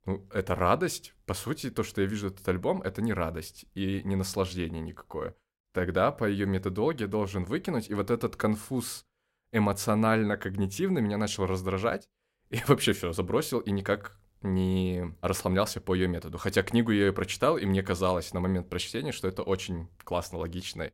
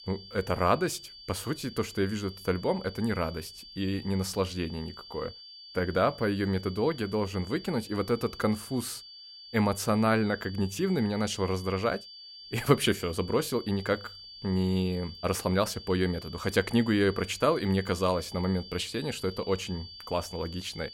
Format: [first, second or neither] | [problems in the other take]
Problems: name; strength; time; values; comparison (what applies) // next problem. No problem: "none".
first | high-pitched whine; noticeable; throughout; 4.5 kHz, 15 dB below the speech